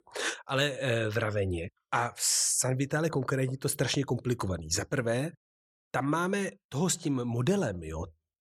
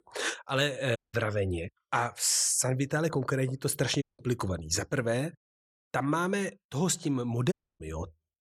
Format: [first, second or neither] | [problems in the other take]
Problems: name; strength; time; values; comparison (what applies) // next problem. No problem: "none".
first | audio cutting out; at 1 s, at 4 s and at 7.5 s